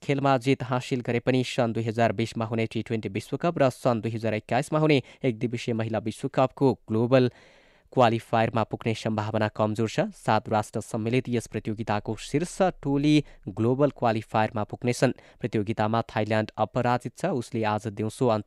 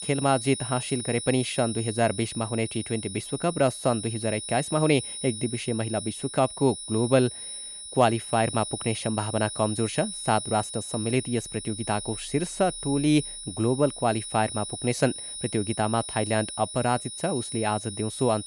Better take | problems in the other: first | high-pitched whine; loud; throughout; 9.5 kHz, 8 dB below the speech

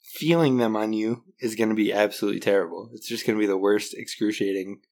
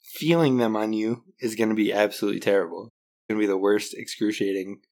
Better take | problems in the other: first | audio cutting out; at 3 s

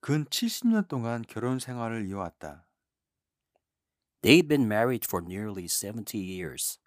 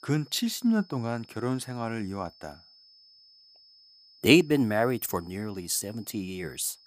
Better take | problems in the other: first | high-pitched whine; faint; throughout; 5 kHz, 25 dB below the speech

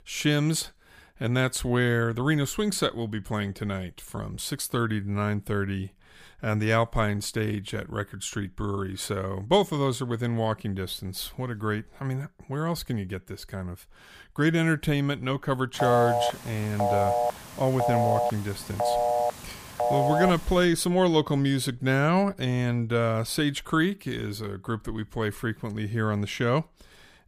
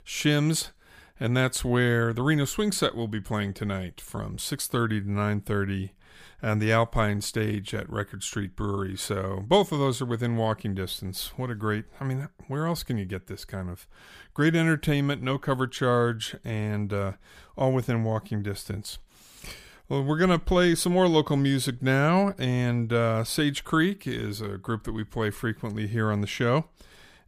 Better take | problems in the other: second | phone ringing; loud; from 16 to 21 s; peak 3 dB above the speech

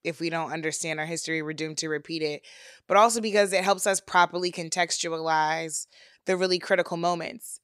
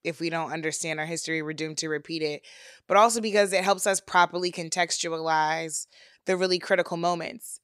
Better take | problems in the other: neither | none

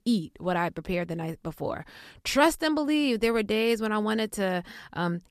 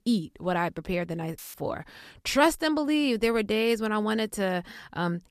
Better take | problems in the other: first | audio cutting out; filled with static; at 1.5 s

